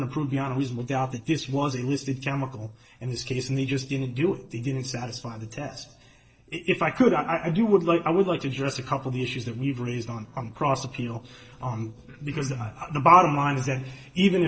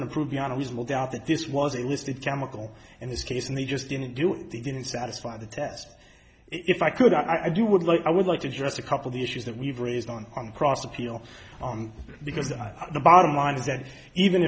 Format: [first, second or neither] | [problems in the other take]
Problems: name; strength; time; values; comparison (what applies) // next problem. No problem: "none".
second | noise reduction (neural separator model SepFormer DNS4)